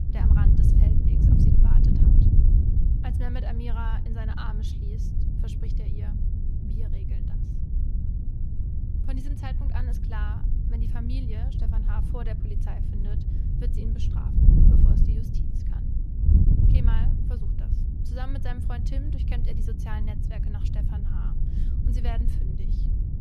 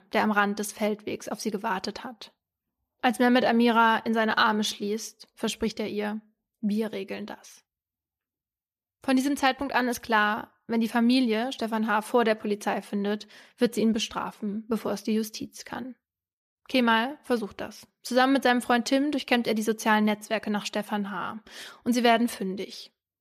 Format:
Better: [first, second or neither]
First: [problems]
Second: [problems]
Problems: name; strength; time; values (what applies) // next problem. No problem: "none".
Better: second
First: wind noise on the microphone; heavy; 2 dB above the speech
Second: none